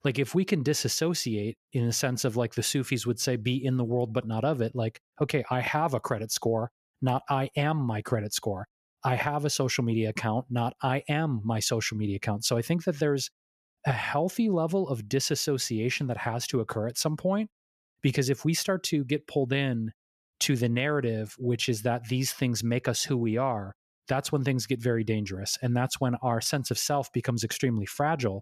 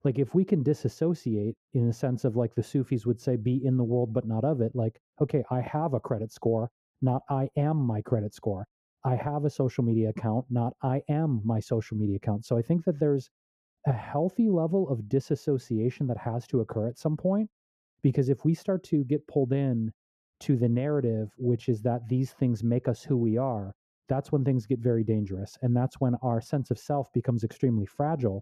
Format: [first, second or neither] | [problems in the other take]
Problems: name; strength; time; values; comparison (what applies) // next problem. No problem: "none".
first | muffled; very; fading above 1 kHz